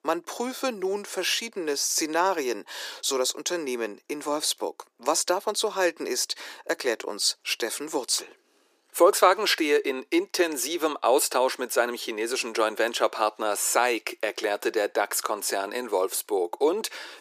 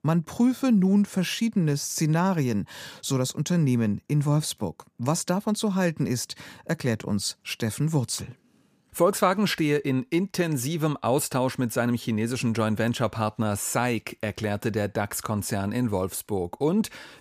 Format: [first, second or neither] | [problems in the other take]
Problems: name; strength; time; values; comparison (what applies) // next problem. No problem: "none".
second | thin; very; fading below 350 Hz